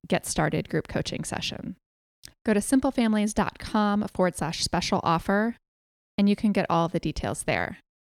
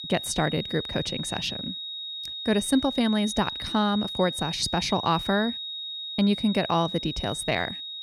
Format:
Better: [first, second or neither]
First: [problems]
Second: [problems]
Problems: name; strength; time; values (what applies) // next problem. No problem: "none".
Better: first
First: none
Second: high-pitched whine; loud; throughout; 4 kHz, 6 dB below the speech